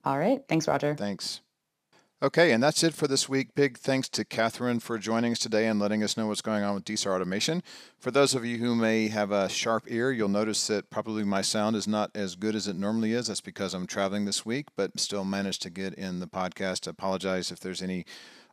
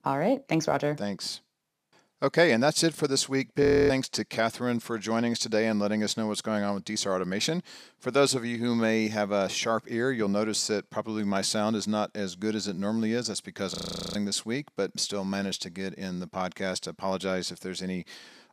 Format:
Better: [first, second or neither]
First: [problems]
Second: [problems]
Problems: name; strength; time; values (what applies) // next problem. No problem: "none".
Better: first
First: none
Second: audio freezing; at 3.5 s and at 14 s